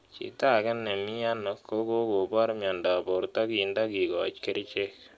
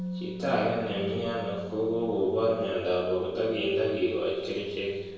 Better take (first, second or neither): first